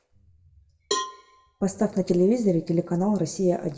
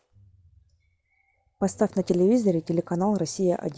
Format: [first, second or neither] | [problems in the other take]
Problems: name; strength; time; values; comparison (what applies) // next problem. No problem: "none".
second | background sound (Cowbell); 10 dB below the speech // room echo; dies away in 0.6 s